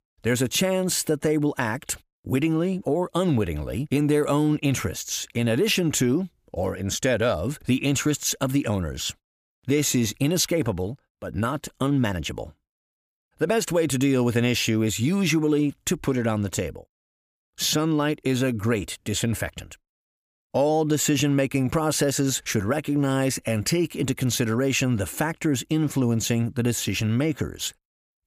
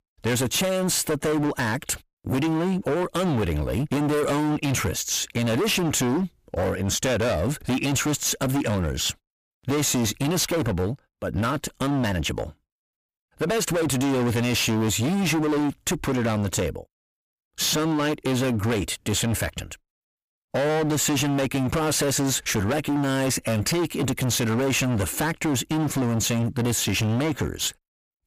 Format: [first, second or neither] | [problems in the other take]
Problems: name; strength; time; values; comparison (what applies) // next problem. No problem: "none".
first | distortion; heavy; 29% of the sound clipped